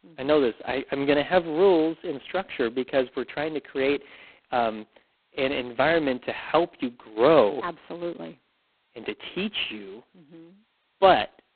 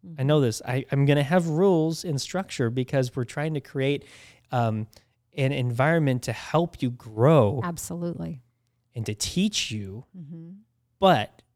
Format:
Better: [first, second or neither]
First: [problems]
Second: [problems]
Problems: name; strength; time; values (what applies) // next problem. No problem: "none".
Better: second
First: phone-call audio; poor line; nothing above 4 kHz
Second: none